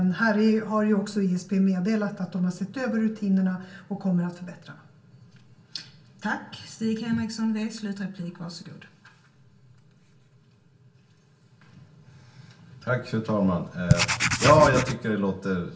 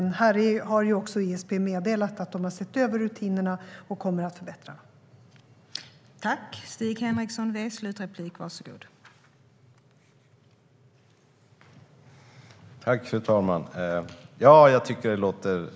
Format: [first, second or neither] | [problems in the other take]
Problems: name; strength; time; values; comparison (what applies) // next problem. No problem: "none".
second | background sound (Writing); 4 dB above the speech // room echo; dies away in 0.3 s